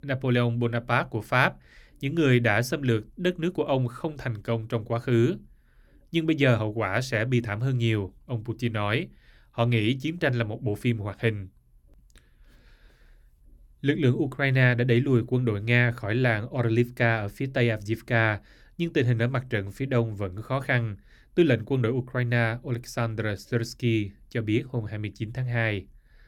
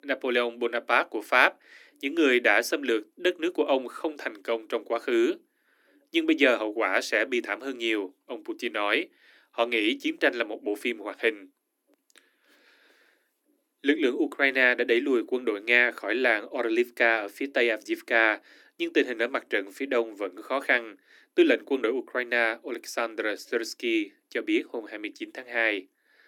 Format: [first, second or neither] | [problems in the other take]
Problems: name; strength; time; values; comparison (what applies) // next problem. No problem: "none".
first | thin; somewhat; fading below 300 Hz